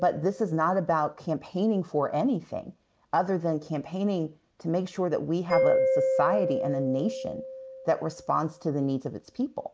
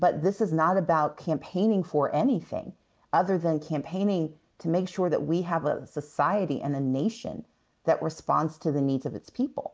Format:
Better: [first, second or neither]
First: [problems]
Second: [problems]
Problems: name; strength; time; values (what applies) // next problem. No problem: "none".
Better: second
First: background sound (Mallet percussion); 4 dB below the speech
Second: none